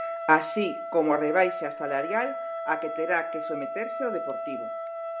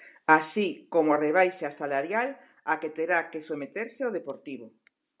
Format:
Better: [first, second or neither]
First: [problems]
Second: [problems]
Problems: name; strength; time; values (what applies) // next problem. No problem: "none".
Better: second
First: background sound (Trumpet); 5 dB below the speech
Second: none